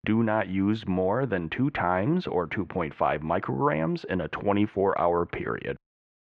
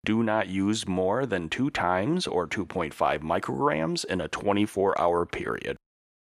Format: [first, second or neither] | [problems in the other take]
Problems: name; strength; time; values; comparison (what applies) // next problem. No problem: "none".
second | muffled; very; fading above 2.5 kHz